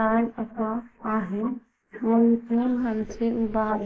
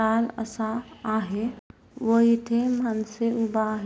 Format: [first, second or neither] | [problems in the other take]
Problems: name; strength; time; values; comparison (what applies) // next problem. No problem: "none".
second | noise reduction (neural mask model Resemble Enhance denoiser)